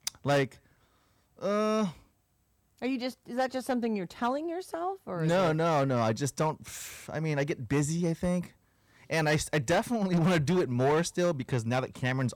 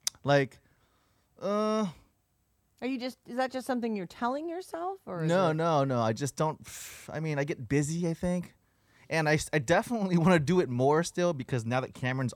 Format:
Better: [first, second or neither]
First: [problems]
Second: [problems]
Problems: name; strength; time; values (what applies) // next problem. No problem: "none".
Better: second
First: distortion; slight; 6% of the sound clipped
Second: none